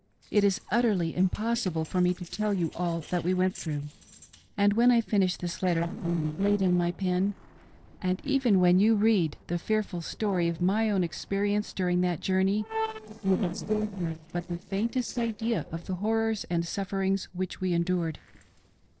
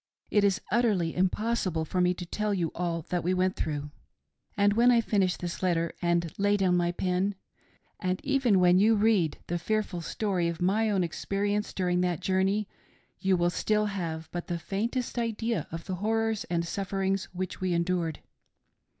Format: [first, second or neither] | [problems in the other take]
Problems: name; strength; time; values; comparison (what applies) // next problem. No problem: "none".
second | noise reduction (neural separator model SepFormer DNS4)